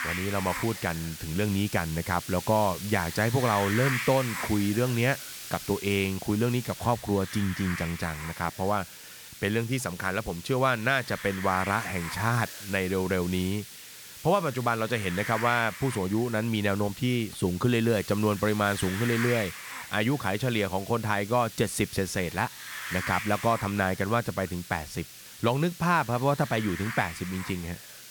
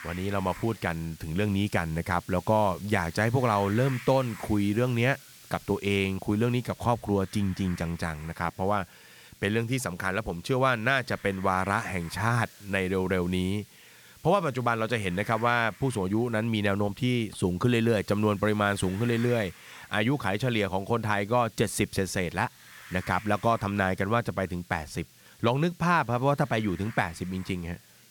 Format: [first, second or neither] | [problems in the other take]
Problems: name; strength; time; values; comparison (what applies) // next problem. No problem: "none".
second | hiss; loud; throughout; 10 dB below the speech; faint in the second